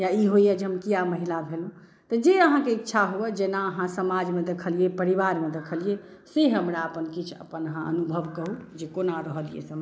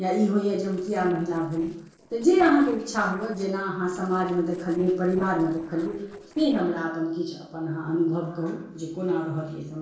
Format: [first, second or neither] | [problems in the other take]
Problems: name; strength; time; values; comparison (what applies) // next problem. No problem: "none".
first | noise reduction (neural separator model SepFormer DNS4)